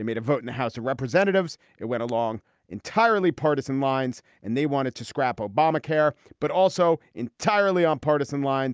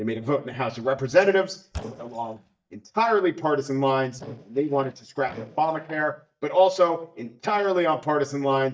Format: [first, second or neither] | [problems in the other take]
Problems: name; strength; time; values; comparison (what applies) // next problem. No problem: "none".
first | noise reduction (neural mask model DeepFilterNet 3)